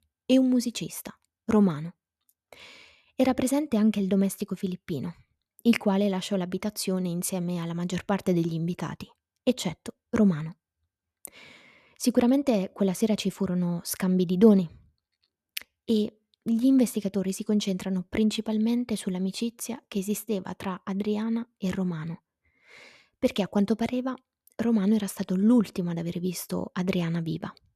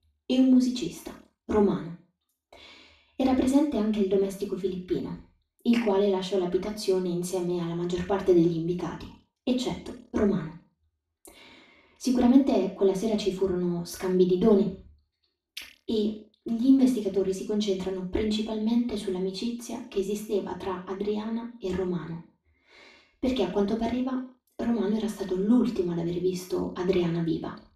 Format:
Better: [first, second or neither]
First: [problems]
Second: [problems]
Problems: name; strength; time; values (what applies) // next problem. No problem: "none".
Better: first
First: none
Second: room echo; slight; dies away in 0.4 s // off-mic speech; far